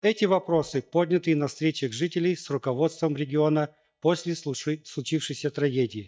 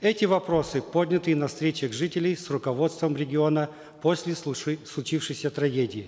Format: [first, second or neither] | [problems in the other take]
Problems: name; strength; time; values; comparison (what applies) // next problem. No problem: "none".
second | noise reduction (neural mask model DeepFilterNet 3)